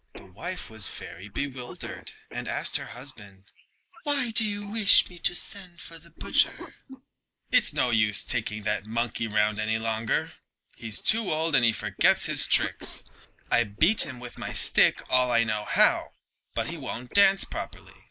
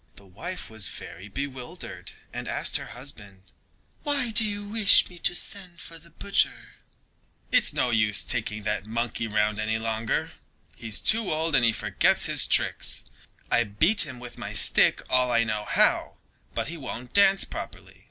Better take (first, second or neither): second